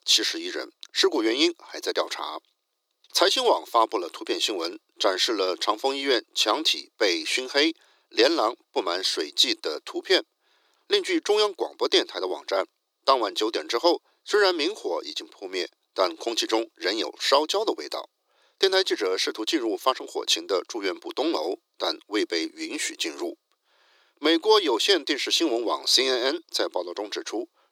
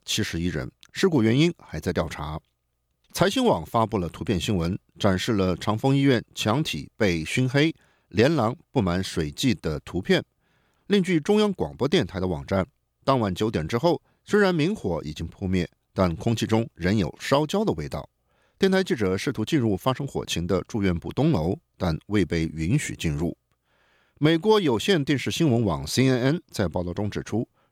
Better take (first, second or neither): second